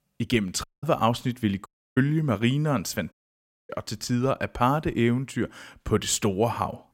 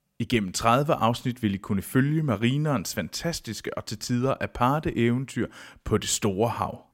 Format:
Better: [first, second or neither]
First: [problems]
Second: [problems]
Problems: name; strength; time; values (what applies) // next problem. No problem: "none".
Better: second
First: audio cutting out; at 0.5 s, at 1.5 s and at 3 s for 0.5 s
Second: none